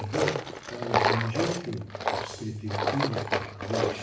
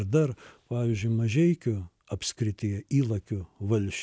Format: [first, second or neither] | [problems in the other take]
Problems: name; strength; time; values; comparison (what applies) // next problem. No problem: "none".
second | background sound (Tools); 3 dB above the speech // room echo; dies away in 0.7 s